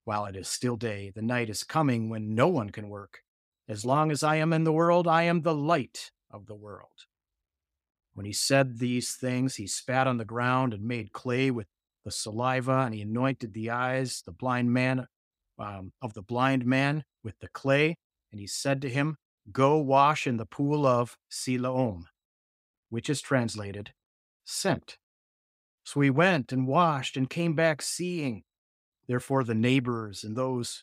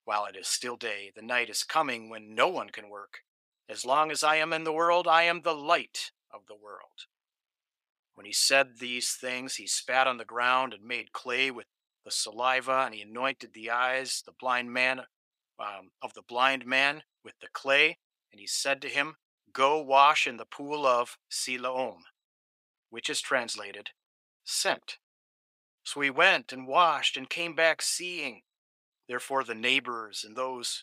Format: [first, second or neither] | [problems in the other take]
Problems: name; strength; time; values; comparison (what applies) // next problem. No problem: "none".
first | thin; very; fading below 650 Hz